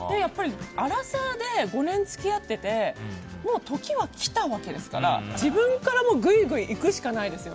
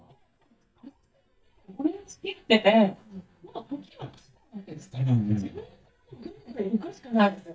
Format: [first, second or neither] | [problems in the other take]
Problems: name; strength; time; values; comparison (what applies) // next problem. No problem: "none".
first | noise reduction (neural mask model DeepFilterNet 3)